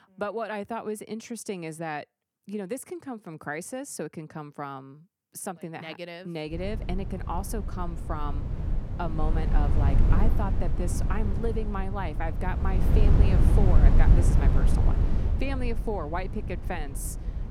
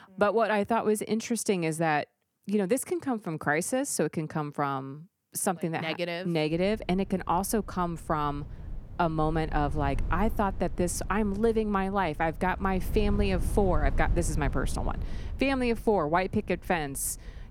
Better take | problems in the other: second | wind noise on the microphone; heavy; from 6.5 s on; 4 dB below the speech; occasional gusts in the second

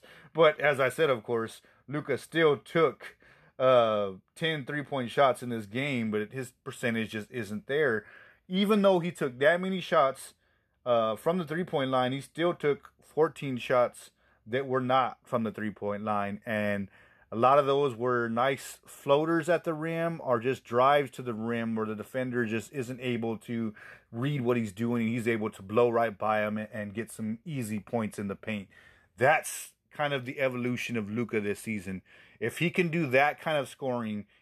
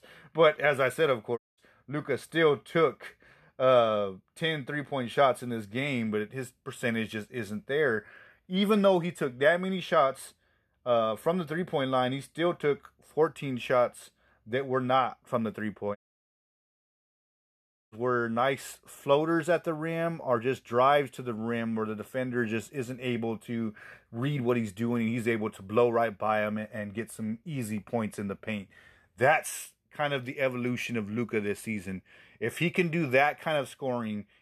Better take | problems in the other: first | audio cutting out; at 1.5 s and at 16 s for 2 s

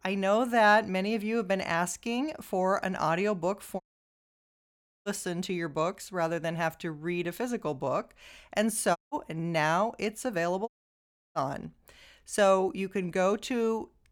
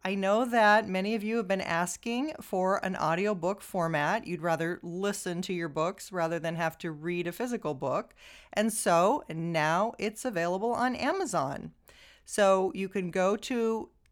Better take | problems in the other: second | audio cutting out; at 4 s for 1.5 s, at 9 s and at 11 s for 0.5 s

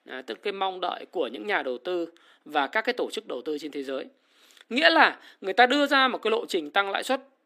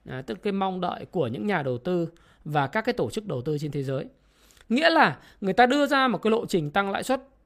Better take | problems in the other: second | thin; very slightly; fading below 250 Hz

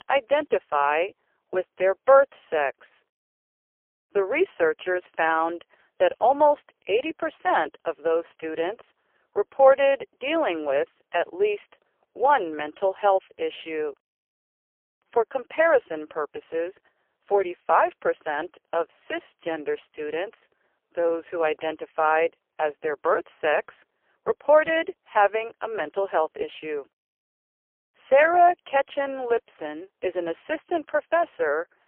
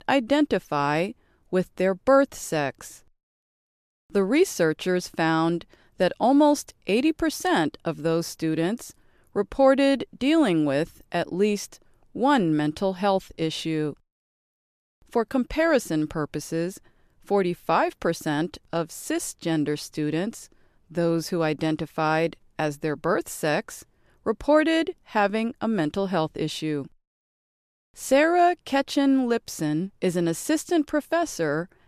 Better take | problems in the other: second | phone-call audio; poor line; nothing above 3 kHz

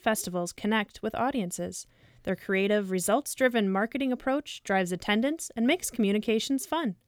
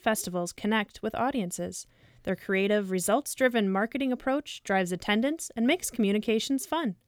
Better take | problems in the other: neither | none

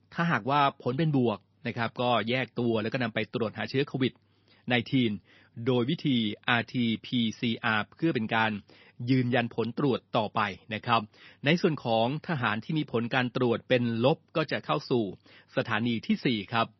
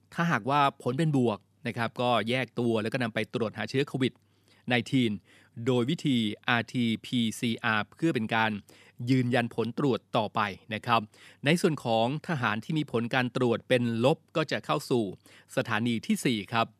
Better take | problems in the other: second | garbled, watery; slightly; nothing above 6 kHz

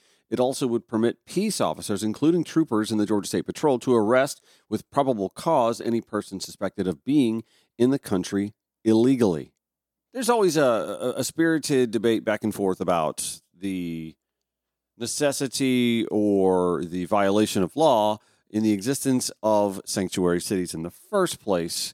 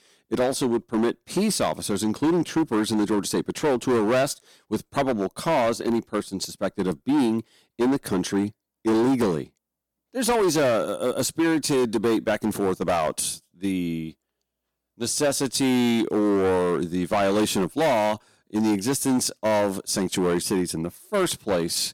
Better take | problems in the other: first | distortion; heavy; 13% of the sound clipped

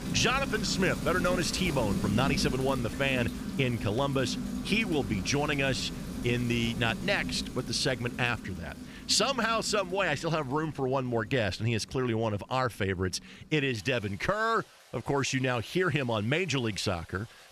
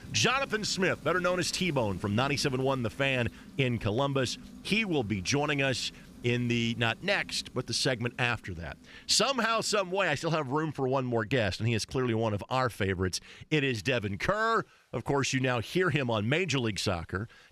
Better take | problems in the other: second | rain or running water; loud; throughout; 7 dB below the speech; faint in the second

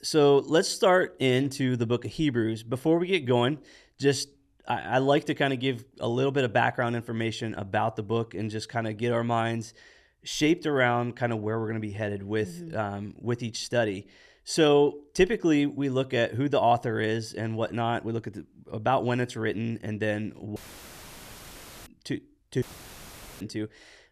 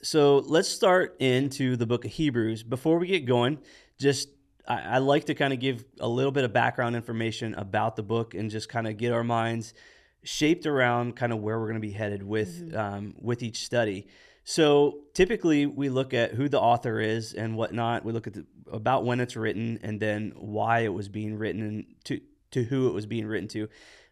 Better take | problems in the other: second | audio cutting out; filled with static; at 21 s for 1.5 s and at 23 s for 1 s

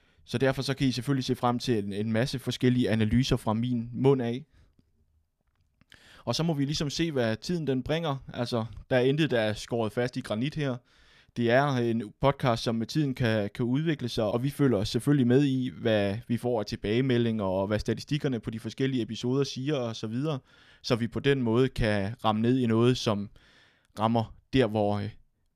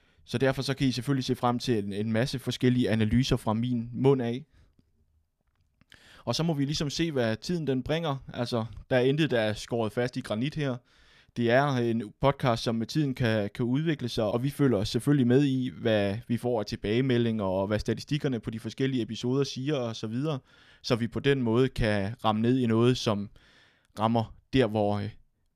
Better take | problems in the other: neither | none

